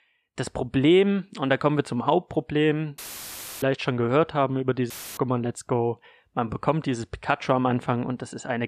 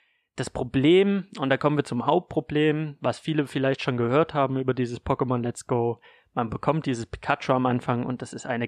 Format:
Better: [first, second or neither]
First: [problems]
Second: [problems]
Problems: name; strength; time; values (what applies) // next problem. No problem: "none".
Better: second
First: audio cutting out; filled with static; at 3 s for 0.5 s and at 5 s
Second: none